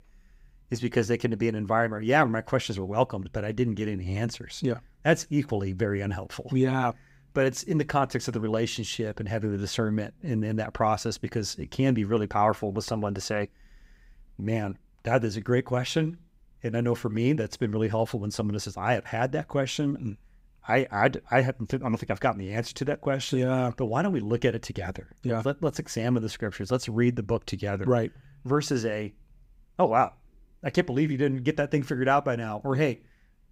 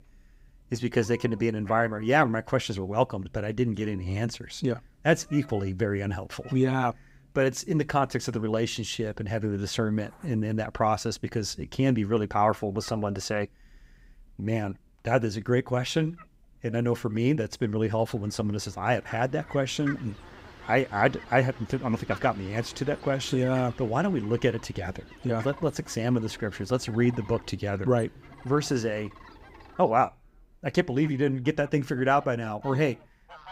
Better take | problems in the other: first | animal sounds; faint; throughout; 20 dB below the speech

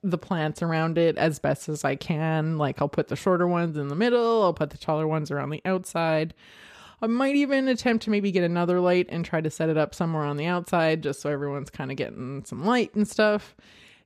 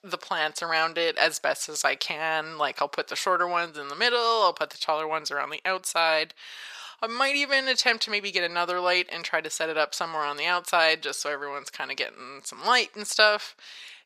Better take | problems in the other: first | thin; very; fading below 950 Hz

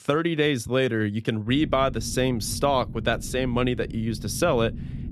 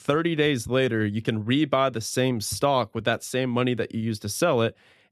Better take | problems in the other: second | low rumble; faint; from 1.5 s on; 20 dB below the speech

